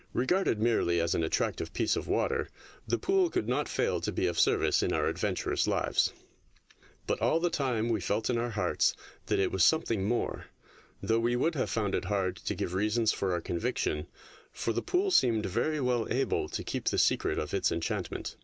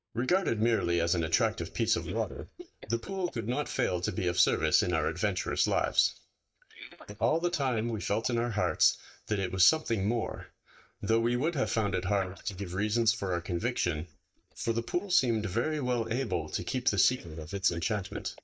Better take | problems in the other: first | noise reduction (neural mask model DeepFilterNet 3)

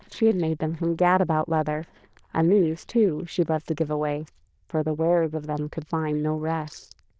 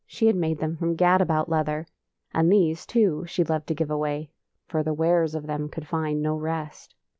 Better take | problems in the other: second | noise reduction (neural diffusion model UNIVERSE++)

